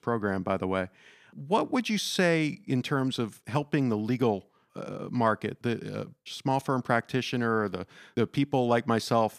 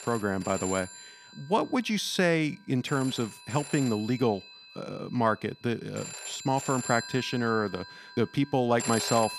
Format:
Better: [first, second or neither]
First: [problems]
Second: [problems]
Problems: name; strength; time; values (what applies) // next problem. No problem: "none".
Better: first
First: none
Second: alarms or sirens; loud; throughout; 10 dB below the speech